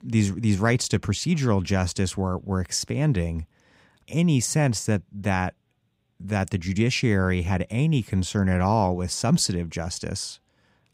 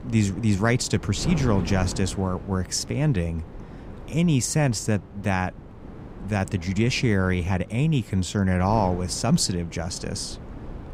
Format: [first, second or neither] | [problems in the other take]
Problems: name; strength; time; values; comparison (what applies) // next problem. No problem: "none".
first | wind noise on the microphone; occasional gusts; 15 dB below the speech